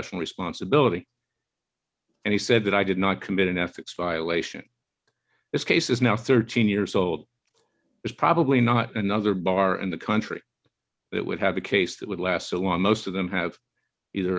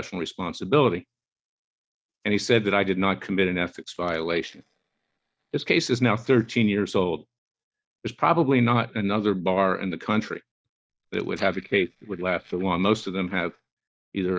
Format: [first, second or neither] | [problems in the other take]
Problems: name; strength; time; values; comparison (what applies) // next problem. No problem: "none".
first | noise reduction (neural mask model DeepFilterNet 3)